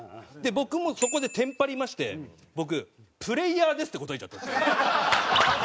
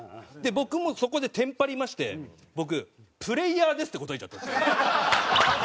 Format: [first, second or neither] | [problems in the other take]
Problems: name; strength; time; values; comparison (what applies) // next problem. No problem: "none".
second | background sound (Bicycle bell); 14 dB below the speech